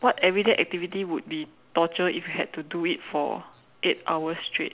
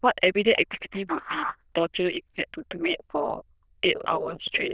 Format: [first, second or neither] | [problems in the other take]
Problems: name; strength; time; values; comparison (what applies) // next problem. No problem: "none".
first | noise reduction (neural diffusion model UNIVERSE++)